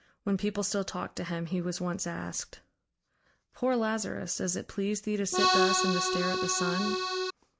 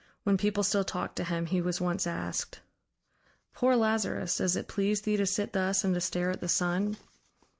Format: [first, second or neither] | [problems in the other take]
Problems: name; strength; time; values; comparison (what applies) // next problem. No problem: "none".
second | background sound (Accordion); 4 dB above the speech